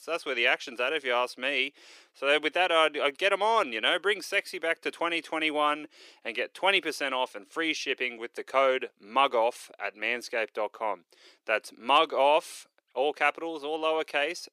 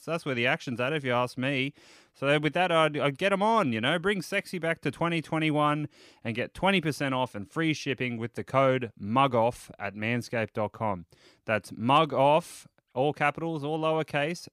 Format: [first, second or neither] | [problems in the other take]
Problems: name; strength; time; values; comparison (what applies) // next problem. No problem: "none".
second | thin; somewhat; fading below 350 Hz